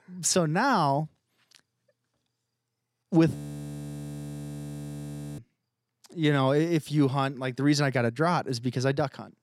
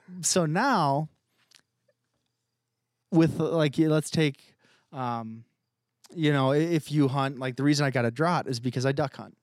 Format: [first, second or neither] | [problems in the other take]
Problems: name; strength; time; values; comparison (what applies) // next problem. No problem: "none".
second | audio freezing; at 3.5 s for 2 s